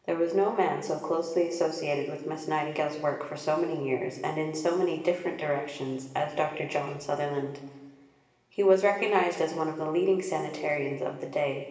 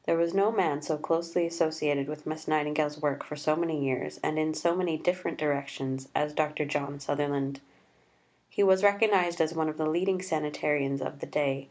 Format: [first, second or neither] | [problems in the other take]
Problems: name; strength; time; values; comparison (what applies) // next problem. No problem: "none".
second | room echo; dies away in 1.1 s